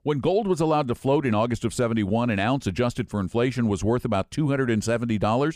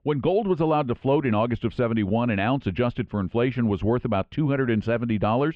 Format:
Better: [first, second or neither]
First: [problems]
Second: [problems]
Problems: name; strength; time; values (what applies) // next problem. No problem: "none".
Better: first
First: none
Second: muffled; very; fading above 3 kHz